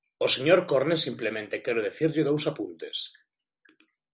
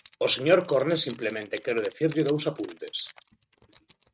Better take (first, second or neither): first